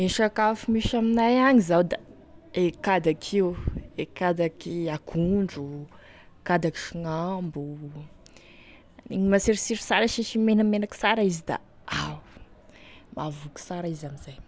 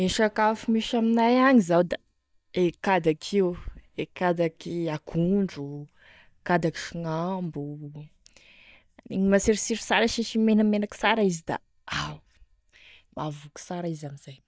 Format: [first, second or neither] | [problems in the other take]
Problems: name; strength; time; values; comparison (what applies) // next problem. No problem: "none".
first | noise reduction (neural mask model DeepFilterNet 3)